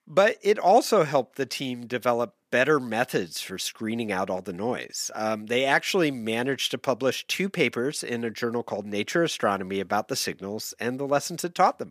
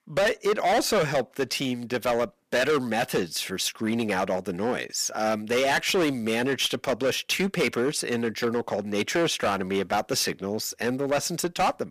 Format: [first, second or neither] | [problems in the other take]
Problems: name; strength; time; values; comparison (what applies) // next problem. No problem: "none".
first | distortion; heavy; 11% of the sound clipped